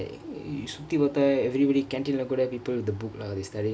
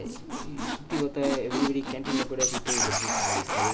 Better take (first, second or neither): first